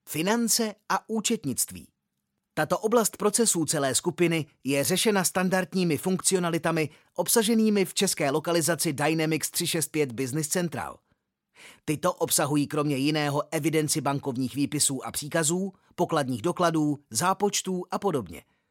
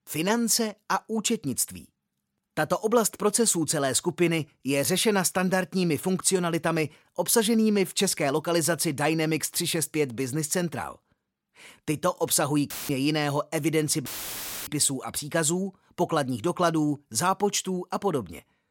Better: first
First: none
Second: audio cutting out; filled with static; at 13 s and at 14 s for 0.5 s

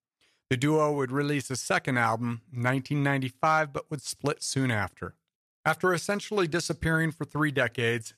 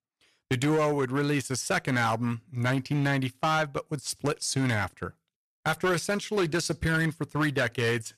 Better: first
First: none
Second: distortion; slight; 9% of the sound clipped

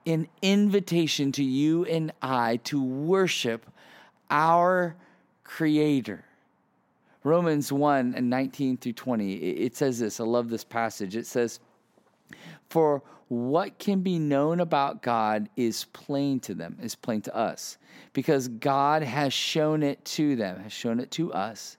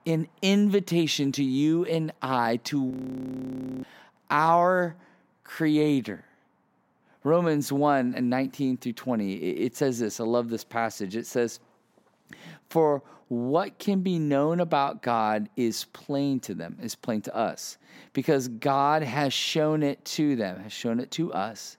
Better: first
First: none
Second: audio freezing; at 3 s for 1 s

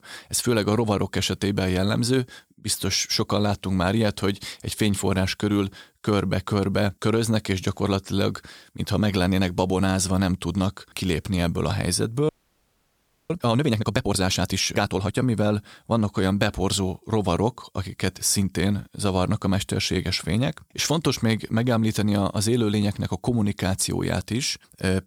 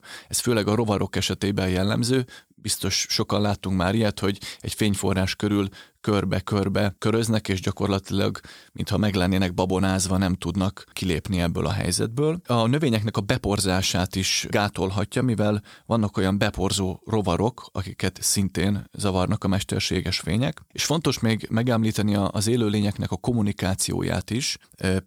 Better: second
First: audio freezing; at 12 s for 1 s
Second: none

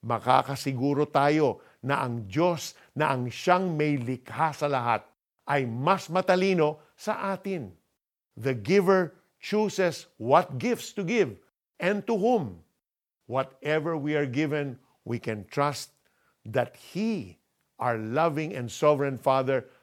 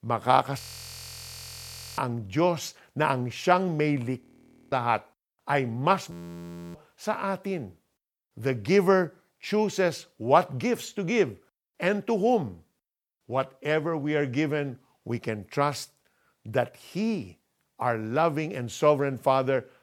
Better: first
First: none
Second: audio freezing; at 0.5 s for 1.5 s, at 4 s for 0.5 s and at 6 s for 0.5 s

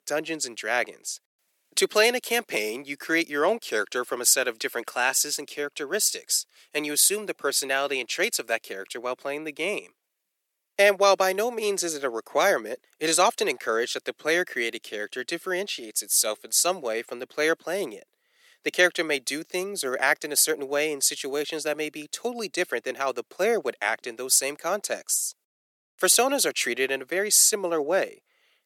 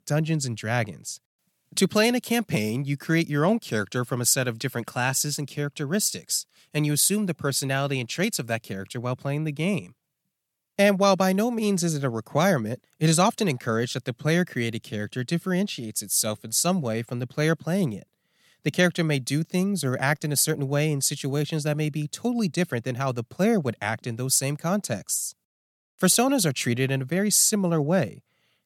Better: second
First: thin; very; fading below 350 Hz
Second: none

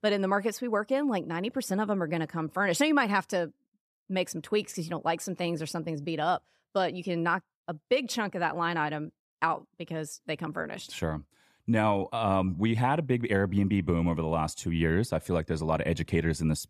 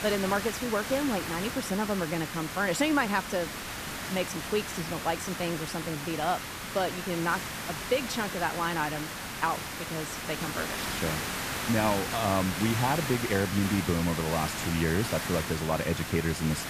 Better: first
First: none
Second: hiss; loud; throughout; 4 dB below the speech

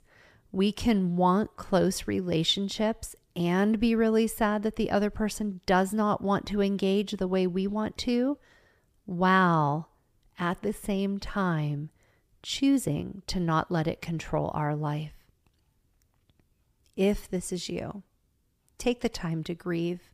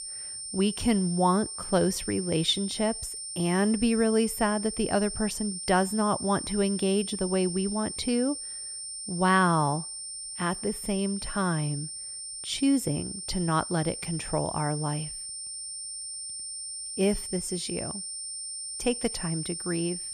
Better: first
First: none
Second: high-pitched whine; loud; throughout; 9 kHz, 6 dB below the speech

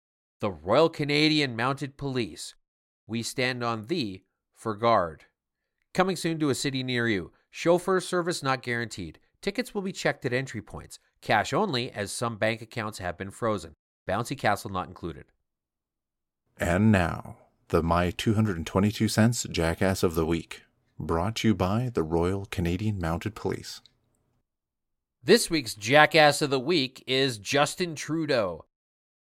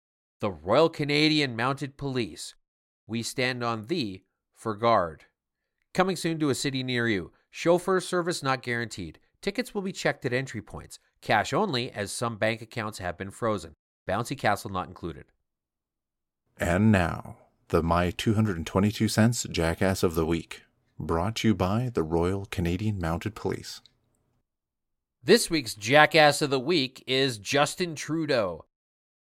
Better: neither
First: none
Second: none

